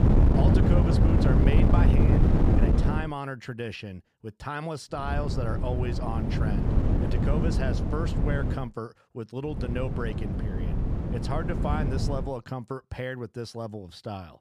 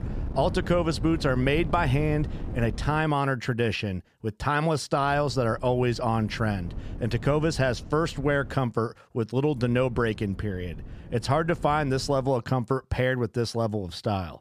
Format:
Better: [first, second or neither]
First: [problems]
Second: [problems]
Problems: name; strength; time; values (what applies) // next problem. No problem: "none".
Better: second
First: wind noise on the microphone; heavy; until 3 s, from 5 to 8.5 s and from 9.5 to 12 s; 1 dB above the speech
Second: wind noise on the microphone; occasional gusts; until 3 s, from 5 to 8.5 s and from 9.5 to 12 s; 20 dB below the speech